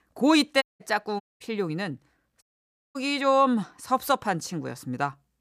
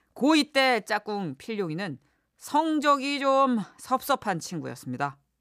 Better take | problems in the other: second | audio cutting out; at 0.5 s, at 1 s and at 2.5 s for 0.5 s

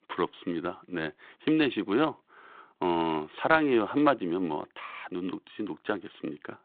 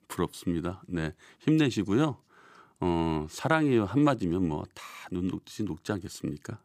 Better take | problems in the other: second | phone-call audio; nothing above 4 kHz

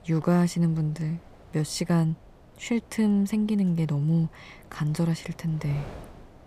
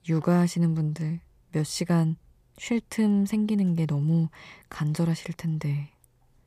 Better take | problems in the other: second | wind noise on the microphone; occasional gusts; 20 dB below the speech

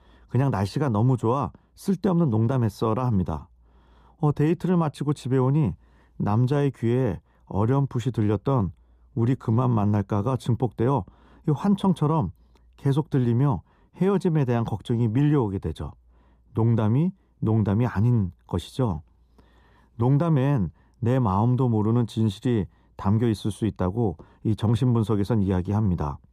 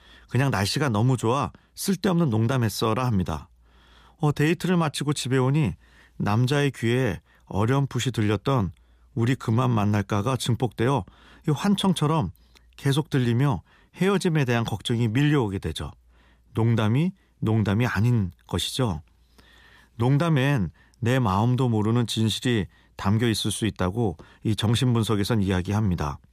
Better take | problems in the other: second | muffled; slightly; fading above 1 kHz

